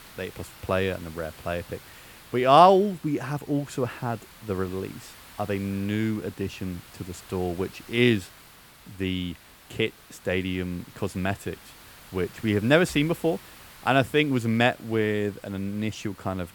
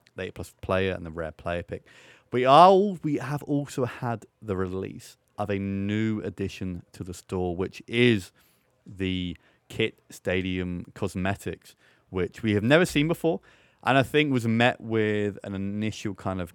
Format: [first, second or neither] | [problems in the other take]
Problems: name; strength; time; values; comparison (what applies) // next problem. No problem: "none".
second | hiss; faint; throughout; 20 dB below the speech